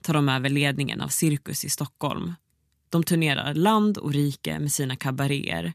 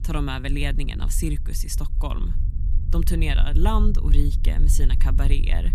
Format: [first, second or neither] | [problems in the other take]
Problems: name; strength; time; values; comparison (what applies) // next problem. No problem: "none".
first | low rumble; noticeable; throughout; 15 dB below the speech